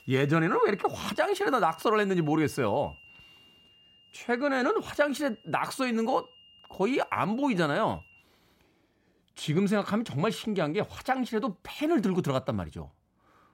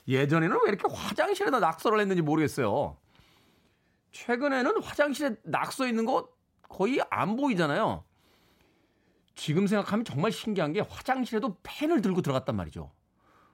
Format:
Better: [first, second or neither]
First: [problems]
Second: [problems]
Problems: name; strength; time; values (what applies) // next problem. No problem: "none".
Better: second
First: high-pitched whine; faint; until 8 s; 3 kHz, 25 dB below the speech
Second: none